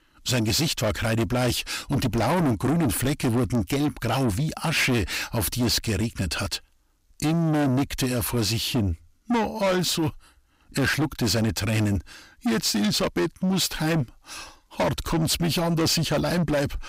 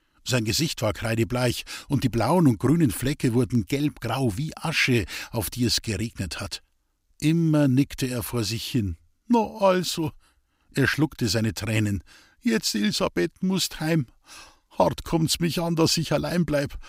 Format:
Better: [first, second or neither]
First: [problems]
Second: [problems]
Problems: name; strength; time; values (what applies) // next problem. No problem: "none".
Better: second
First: distortion; heavy; 7 dB below the speech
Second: none